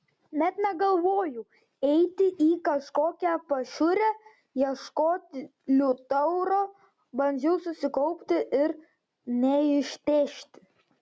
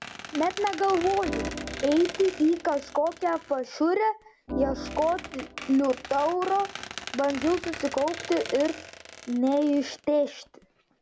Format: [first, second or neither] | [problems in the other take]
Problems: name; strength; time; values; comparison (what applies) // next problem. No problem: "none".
first | background sound (Squeak + Organ); 12 dB below the speech